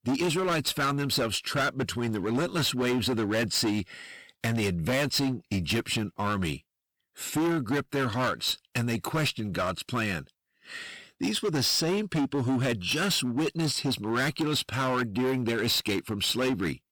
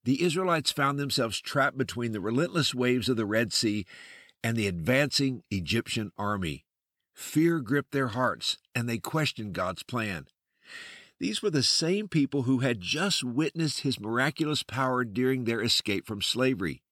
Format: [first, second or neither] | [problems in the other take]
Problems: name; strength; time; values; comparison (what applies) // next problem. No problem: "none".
second | distortion; heavy; 18% of the sound clipped